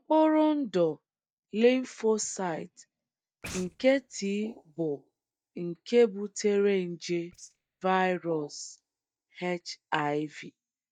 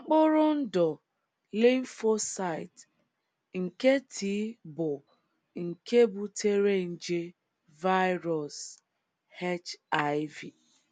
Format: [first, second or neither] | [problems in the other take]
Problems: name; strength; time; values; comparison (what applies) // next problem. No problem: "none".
second | noise reduction (neural mask model DeepFilterNet 3)